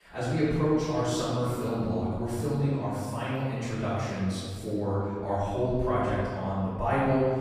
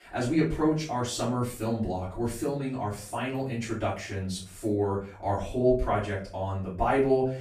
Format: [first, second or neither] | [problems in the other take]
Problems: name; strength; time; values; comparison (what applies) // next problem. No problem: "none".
second | room echo; strong; dies away in 2.2 s; slight in the second // off-mic speech; far; far in the second